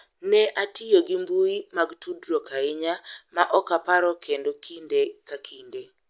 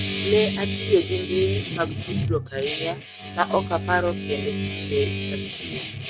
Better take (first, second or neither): first